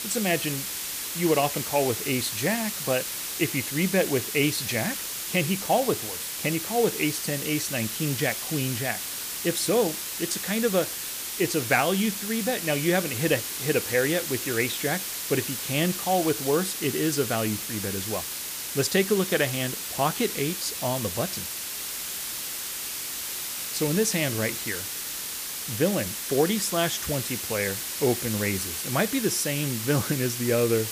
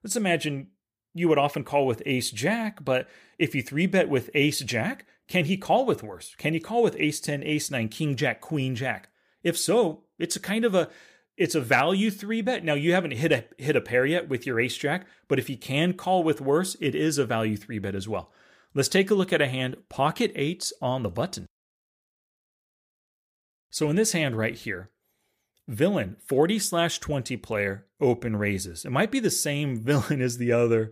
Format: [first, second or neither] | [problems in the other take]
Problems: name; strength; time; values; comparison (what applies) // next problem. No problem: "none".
second | hiss; loud; throughout; 3 dB below the speech